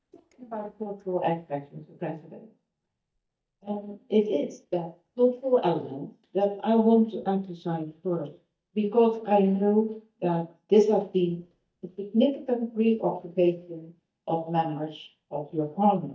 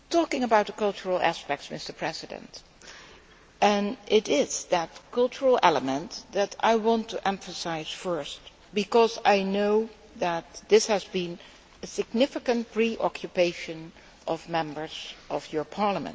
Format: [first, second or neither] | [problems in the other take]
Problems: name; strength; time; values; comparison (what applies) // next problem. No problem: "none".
second | noise reduction (neural mask model DeepFilterNet 3)